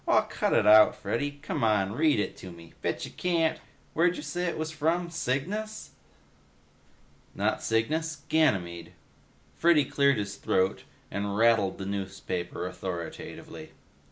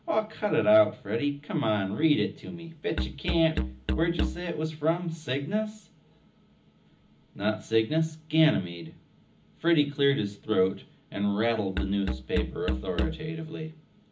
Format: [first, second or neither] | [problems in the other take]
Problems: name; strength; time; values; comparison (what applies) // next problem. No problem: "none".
first | background sound (Musical instrument); 4 dB below the speech // room echo; dies away in 0.4 s